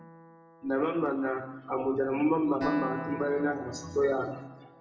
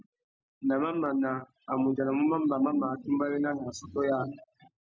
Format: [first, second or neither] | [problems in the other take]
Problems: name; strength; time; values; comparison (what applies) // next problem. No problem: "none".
second | background sound (Acoustic guitar); 13 dB below the speech // room echo; dies away in 1 s